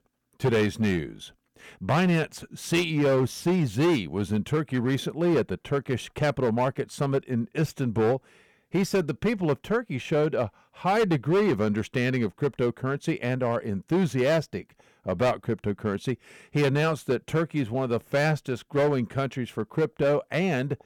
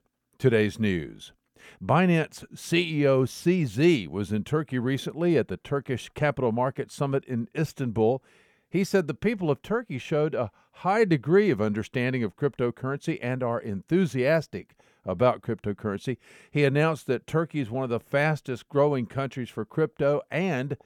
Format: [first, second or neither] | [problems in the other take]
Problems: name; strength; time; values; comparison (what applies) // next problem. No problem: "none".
second | distortion; slight; 8% of the sound clipped